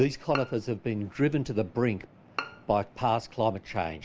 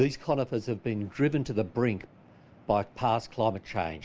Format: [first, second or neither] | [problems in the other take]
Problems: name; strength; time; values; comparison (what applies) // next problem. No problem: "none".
second | background sound (Bowed string instrument); 14 dB below the speech